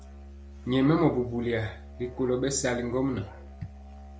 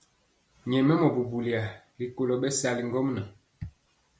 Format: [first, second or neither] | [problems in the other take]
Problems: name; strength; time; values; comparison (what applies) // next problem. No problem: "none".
second | background sound (Musical instrument); 16 dB below the speech